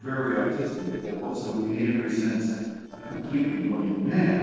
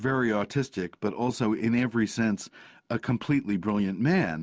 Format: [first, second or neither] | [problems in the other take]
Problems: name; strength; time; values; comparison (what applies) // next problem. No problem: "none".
second | noise reduction (neural separator model SepFormer DNS4)